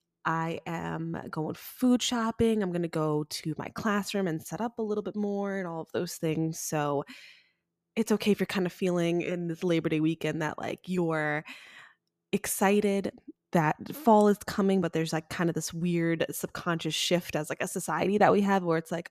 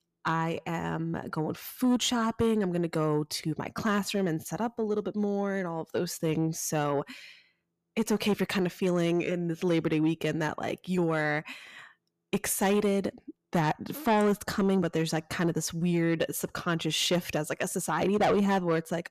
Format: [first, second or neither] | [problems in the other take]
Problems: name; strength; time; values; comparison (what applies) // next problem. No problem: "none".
first | distortion; slight; 10 dB below the speech